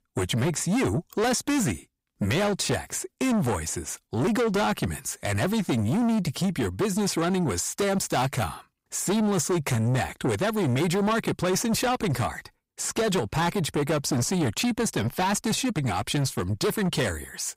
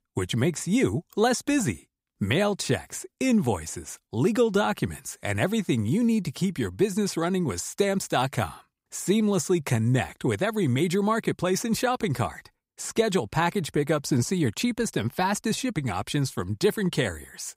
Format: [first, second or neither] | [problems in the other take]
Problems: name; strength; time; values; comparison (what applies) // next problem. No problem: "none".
second | distortion; heavy; 7 dB below the speech